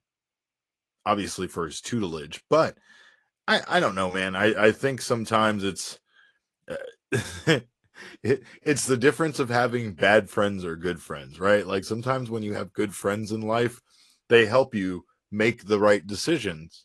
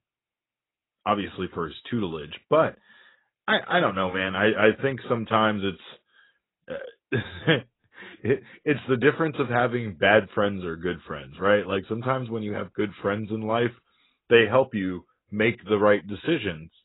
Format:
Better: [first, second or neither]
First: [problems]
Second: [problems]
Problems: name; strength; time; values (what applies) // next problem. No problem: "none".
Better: first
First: garbled, watery; slightly; nothing above 11.5 kHz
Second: garbled, watery; badly; nothing above 3.5 kHz